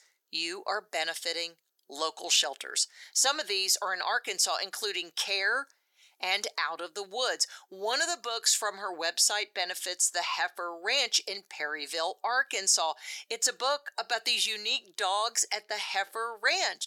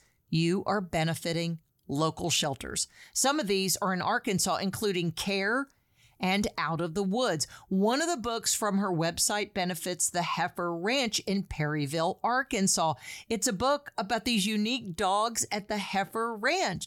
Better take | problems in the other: second | thin; very; fading below 450 Hz

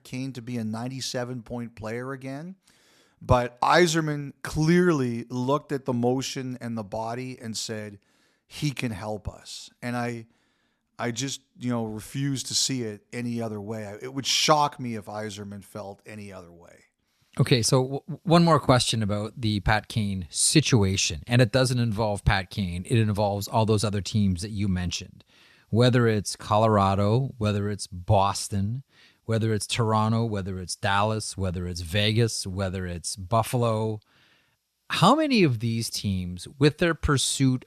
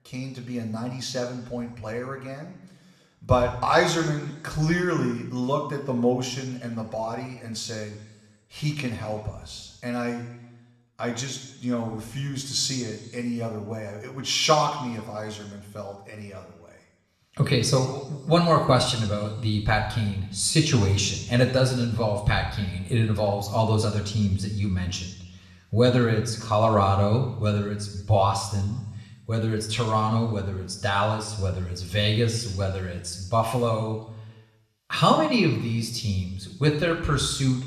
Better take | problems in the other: first | room echo; slight; dies away in 1 s // off-mic speech; somewhat distant

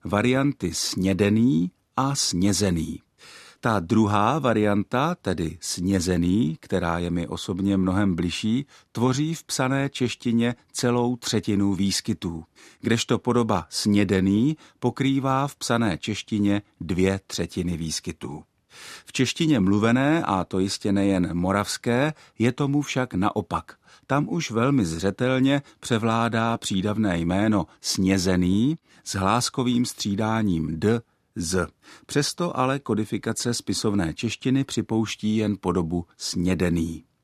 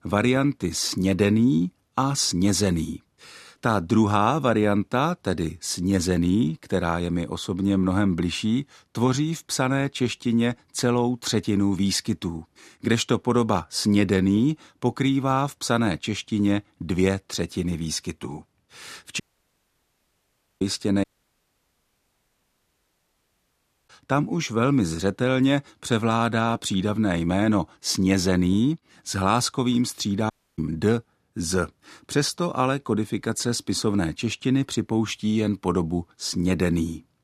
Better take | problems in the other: first | audio cutting out; at 19 s for 1.5 s, at 21 s for 3 s and at 30 s

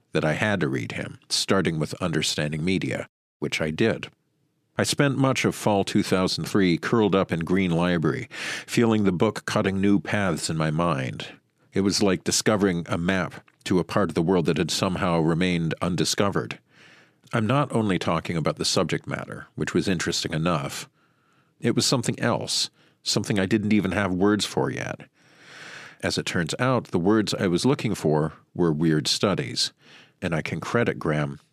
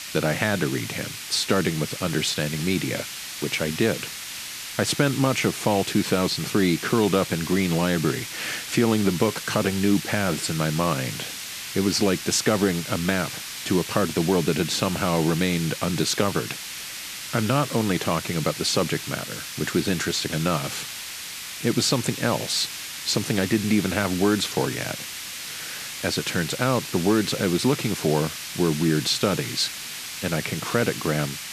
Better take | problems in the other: first | hiss; loud; throughout; 8 dB below the speech

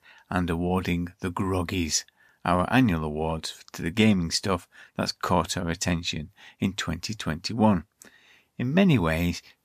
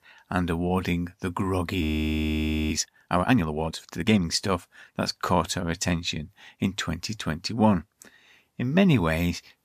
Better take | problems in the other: first | audio freezing; at 2 s for 1 s

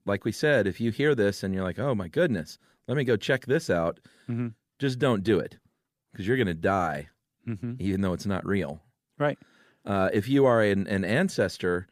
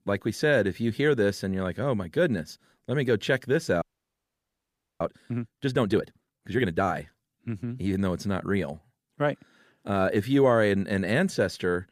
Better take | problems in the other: first | audio freezing; at 4 s for 1 s

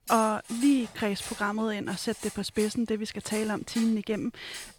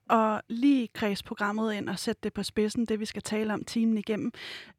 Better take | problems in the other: second | clattering dishes; noticeable; peak 8 dB below the speech

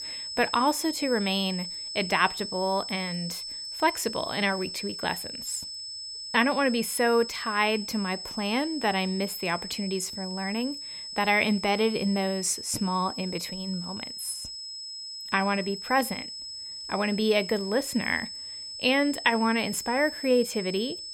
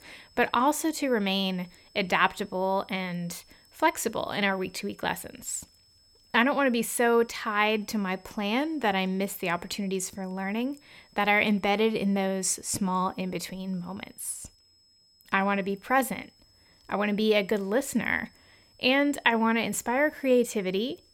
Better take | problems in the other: second | high-pitched whine; loud; throughout; 5 kHz, 8 dB below the speech; faint in the second

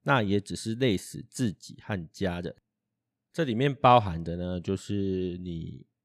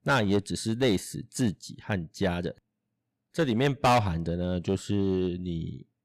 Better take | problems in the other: first | distortion; heavy; 5% of the sound clipped

